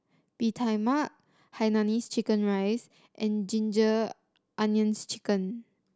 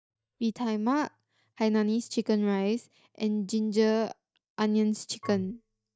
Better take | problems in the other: first | noise reduction (neural mask model DeepFilterNet 3)

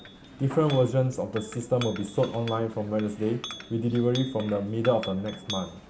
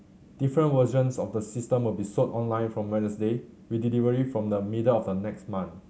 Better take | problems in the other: second | background sound (Chink, clink); 15 dB below the speech

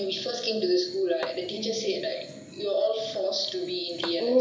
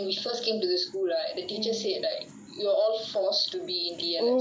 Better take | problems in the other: second | background sound (Tap / Hammer); 16 dB below the speech // room echo; dies away in 0.8 s

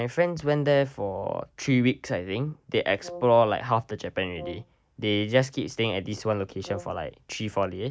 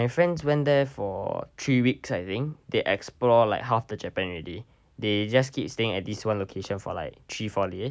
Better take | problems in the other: second | noise reduction (neural mask model DeepFilterNet 3)

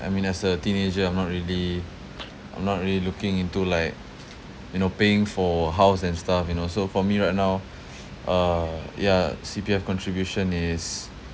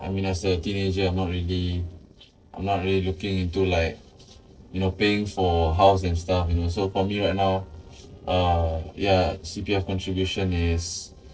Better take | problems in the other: first | noise reduction (neural separator model SepFormer DNS4)

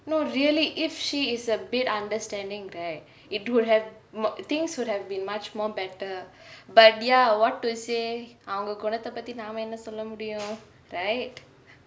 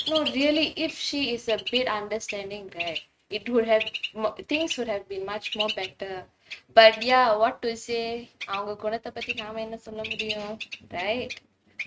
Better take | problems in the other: first | noise reduction (neural mask model RNNoise)

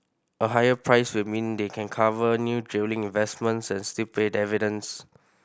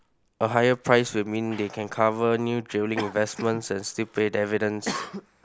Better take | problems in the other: first | background sound (Cough); 15 dB below the speech

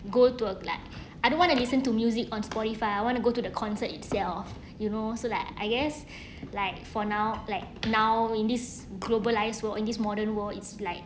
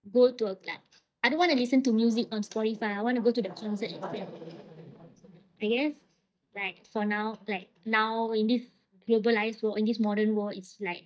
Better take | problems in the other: first | noise reduction (neural mask model DeepFilterNet 3)

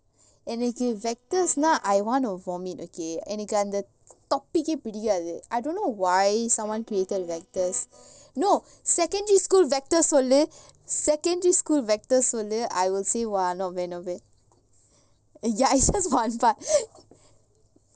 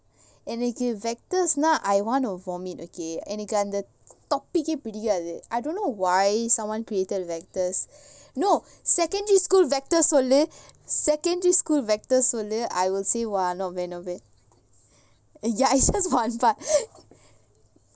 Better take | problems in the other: second | noise reduction (neural separator model SepFormer DNS4)

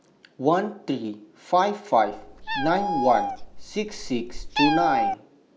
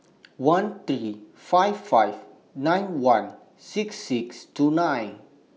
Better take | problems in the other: second | background sound (Meow); 2 dB below the speech

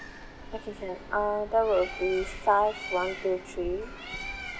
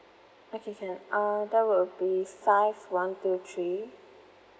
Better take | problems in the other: second | background sound (Bird); 10 dB below the speech

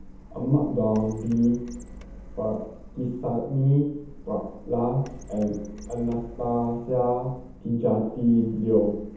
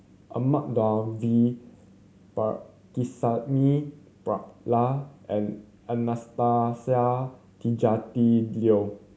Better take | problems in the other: second | background sound (Printer); 17 dB below the speech // room echo; dies away in 0.8 s

